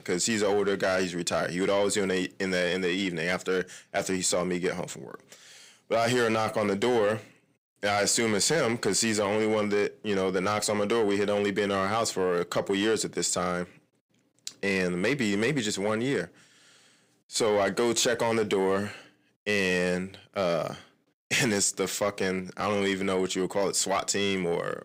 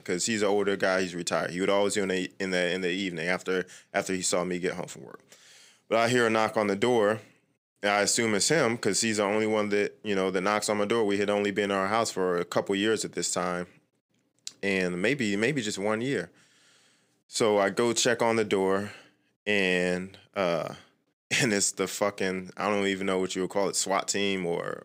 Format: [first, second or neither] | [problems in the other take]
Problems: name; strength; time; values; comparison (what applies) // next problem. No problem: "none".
second | distortion; slight; 10 dB below the speech